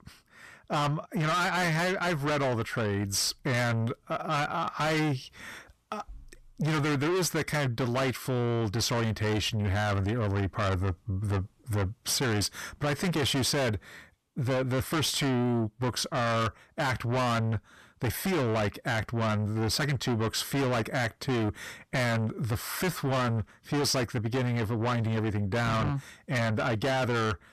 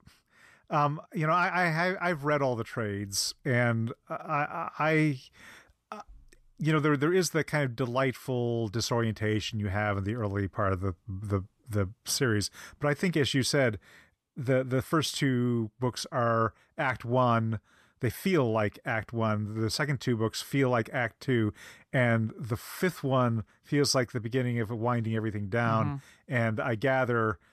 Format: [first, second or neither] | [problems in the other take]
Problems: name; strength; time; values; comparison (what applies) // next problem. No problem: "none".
second | distortion; heavy; 6 dB below the speech